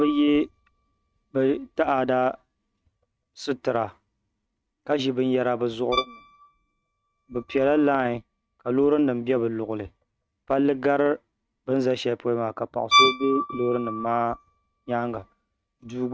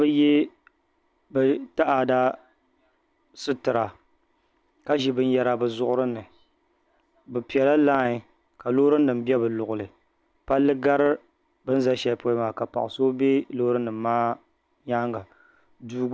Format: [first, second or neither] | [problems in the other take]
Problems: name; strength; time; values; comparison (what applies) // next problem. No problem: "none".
second | noise reduction (neural mask model RNNoise)